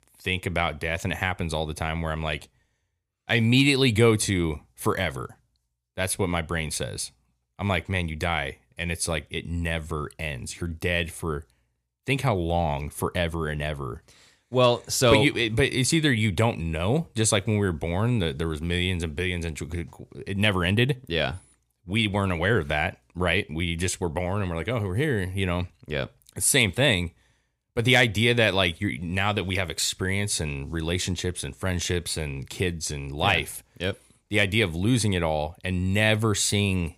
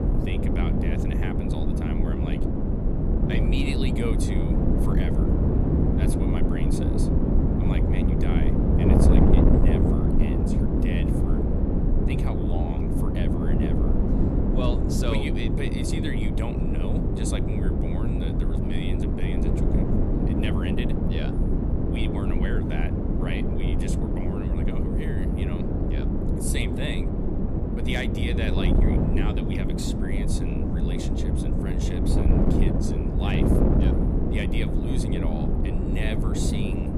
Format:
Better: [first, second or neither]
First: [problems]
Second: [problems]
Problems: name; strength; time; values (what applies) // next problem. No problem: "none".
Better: first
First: none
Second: wind noise on the microphone; heavy; 5 dB above the speech